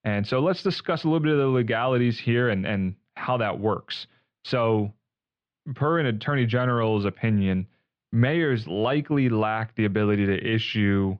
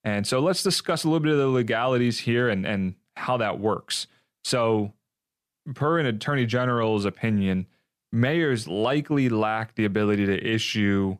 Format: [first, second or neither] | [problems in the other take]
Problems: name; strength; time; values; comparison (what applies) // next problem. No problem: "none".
second | muffled; slightly; fading above 3.5 kHz